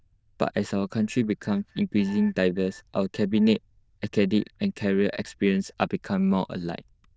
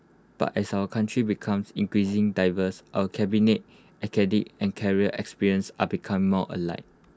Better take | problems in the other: second | noise reduction (neural diffusion model UNIVERSE++)

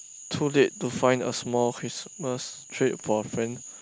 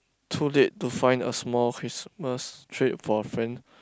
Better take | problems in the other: second | background sound (Cricket / Frog); 16 dB below the speech

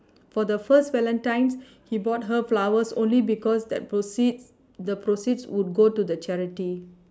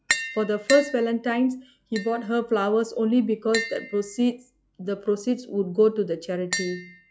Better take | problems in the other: first | noise reduction (classical method log-MMSE)

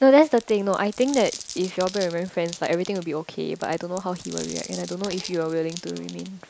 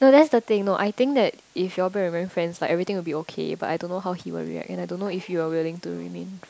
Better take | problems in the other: second | background sound (Glass); 16 dB below the speech

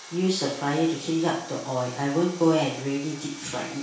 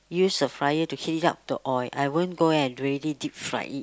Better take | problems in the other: second | background sound (Sawing); 17 dB below the speech // room echo; dies away in 0.6 s

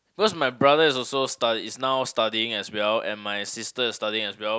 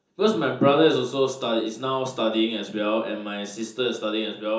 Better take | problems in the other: first | room echo; dies away in 0.6 s

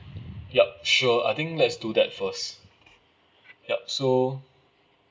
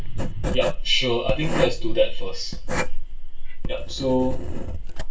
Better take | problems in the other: first | background sound (Writing); 5 dB above the speech // room echo; dies away in 0.2 s

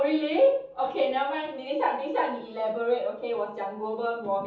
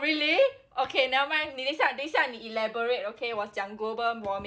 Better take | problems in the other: second | room echo; dies away in 0.6 s

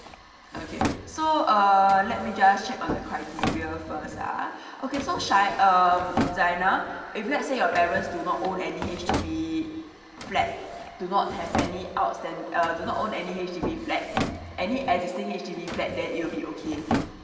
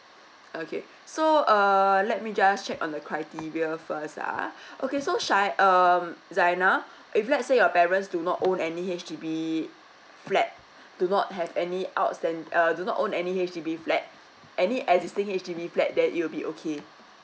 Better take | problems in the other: second | background sound (Drawer open or close); 8 dB below the speech // room echo; dies away in 2.9 s

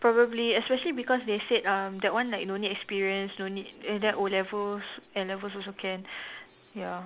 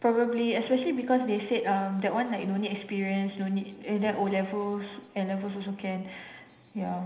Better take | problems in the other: first | room echo; dies away in 0.9 s

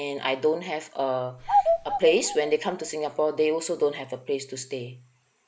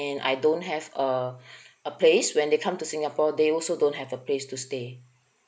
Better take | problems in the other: second | background sound (Bird vocalization, bird call, bird song); 2 dB below the speech

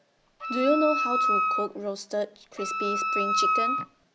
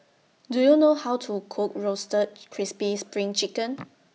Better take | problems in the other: second | background sound (Wind instrument, woodwind instrument); 3 dB above the speech

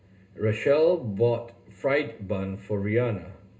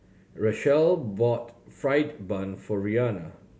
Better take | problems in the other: second | room echo; dies away in 0.2 s

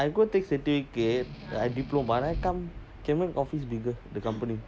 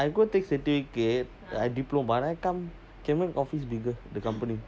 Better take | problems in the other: second | background sound (Strum + Thunder / Rain); 14 dB below the speech

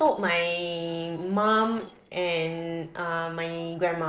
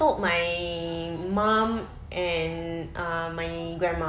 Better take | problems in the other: second | noise reduction (neural separator model SepFormer DNS4)

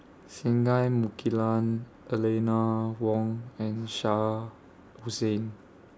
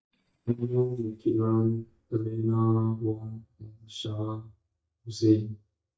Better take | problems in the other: first | noise reduction (neural mask model DeepFilterNet 3)

